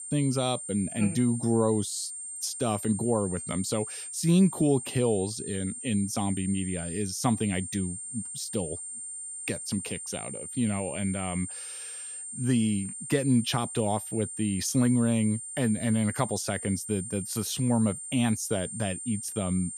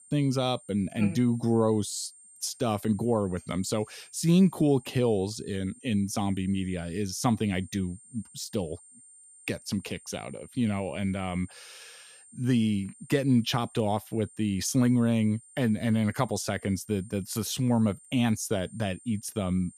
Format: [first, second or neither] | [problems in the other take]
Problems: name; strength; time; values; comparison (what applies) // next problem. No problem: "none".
second | high-pitched whine; loud; throughout; 8.5 kHz, 7 dB below the speech; faint in the second